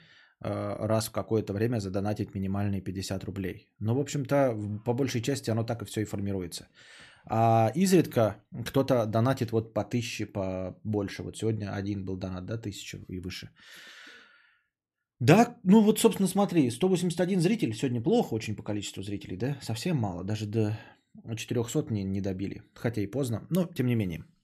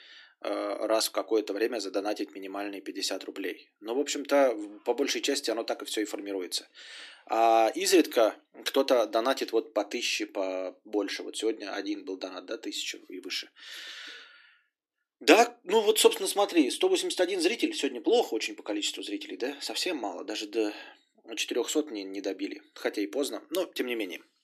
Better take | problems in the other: first | thin; somewhat; fading below 300 Hz

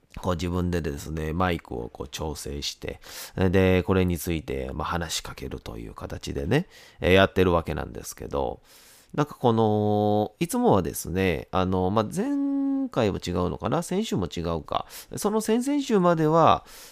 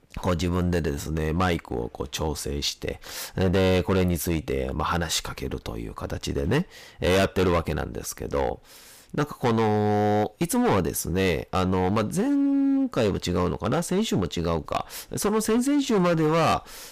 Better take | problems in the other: first | distortion; heavy; 10% of the sound clipped

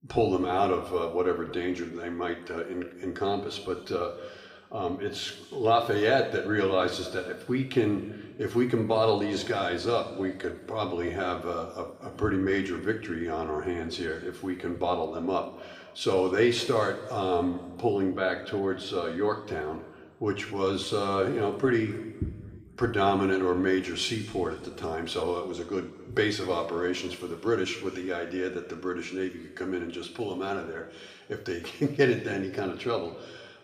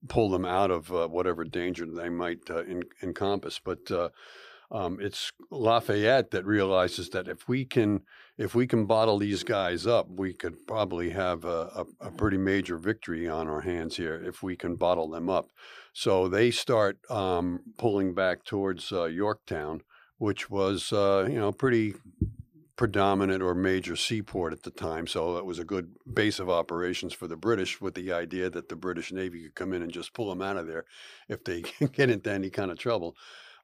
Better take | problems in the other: second | room echo; noticeable; dies away in 1.6 s // off-mic speech; somewhat distant

